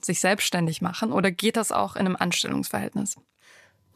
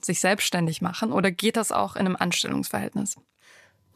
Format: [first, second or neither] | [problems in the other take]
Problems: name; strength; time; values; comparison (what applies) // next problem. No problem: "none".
neither | none